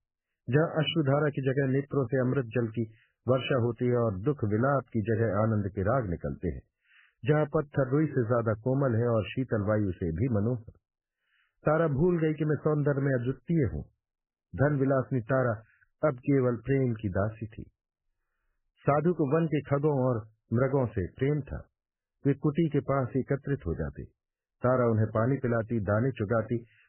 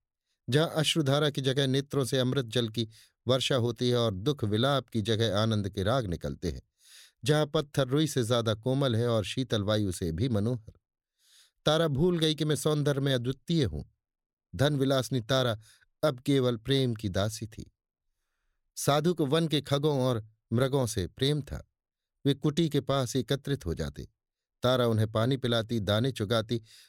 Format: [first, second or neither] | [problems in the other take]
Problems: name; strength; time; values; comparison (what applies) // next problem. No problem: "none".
second | garbled, watery; badly; nothing above 3 kHz